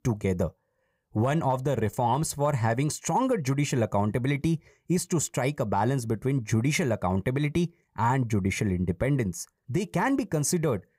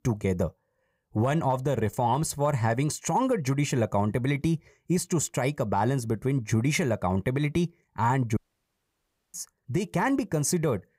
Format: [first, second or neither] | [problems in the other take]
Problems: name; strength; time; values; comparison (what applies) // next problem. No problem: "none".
first | audio cutting out; at 8.5 s for 1 s